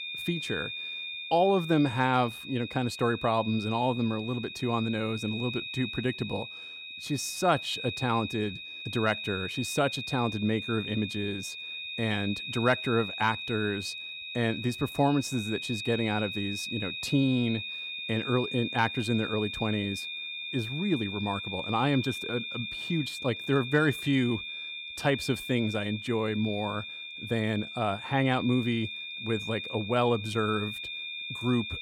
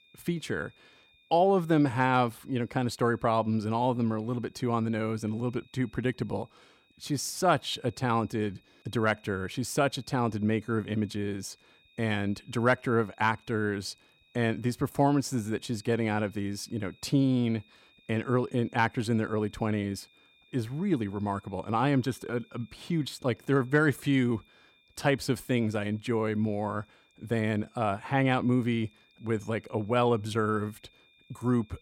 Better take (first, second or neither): second